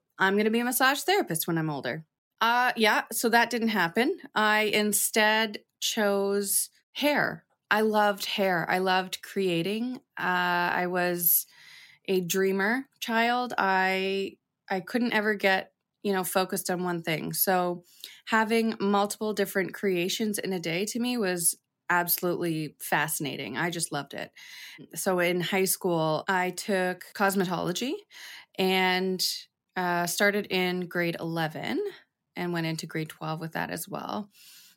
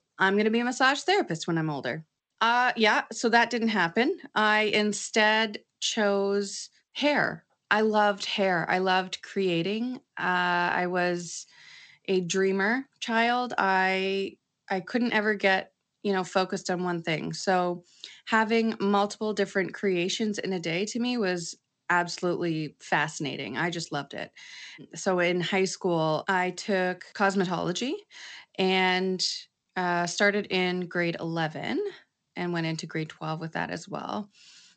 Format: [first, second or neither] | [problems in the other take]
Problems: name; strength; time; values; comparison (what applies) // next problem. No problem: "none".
first | garbled, watery; slightly; nothing above 8 kHz